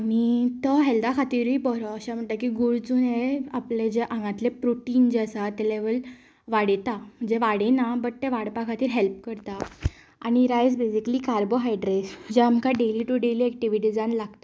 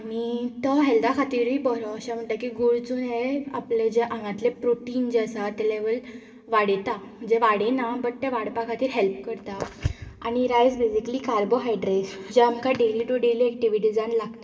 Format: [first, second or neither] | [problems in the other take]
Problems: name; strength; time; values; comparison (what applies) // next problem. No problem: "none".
first | room echo; dies away in 2 s